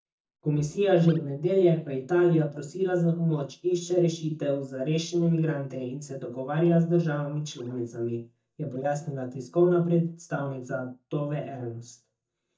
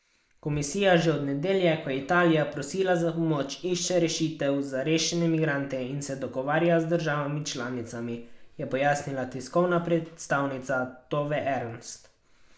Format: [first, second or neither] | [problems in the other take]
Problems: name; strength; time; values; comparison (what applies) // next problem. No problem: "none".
second | noise reduction (neural mask model DeepFilterNet 3)